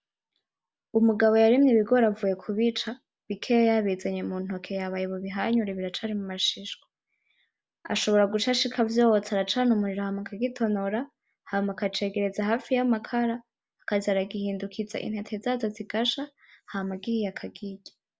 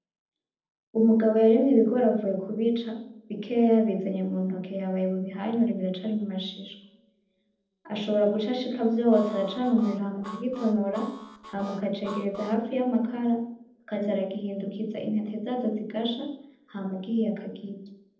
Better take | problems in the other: first | noise reduction (neural separator model SepFormer DNS4)

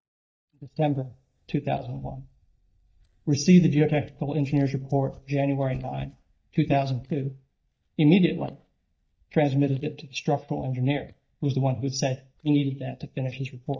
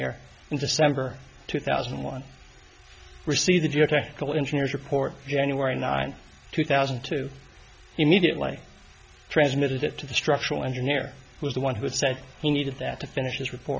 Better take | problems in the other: second | noise reduction (neural mask model DeepFilterNet 3)

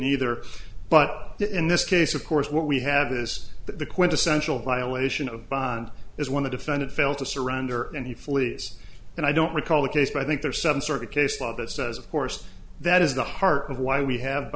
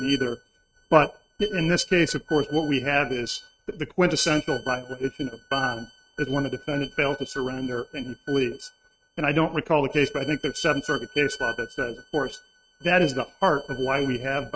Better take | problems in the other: first | noise reduction (neural mask model RNNoise)

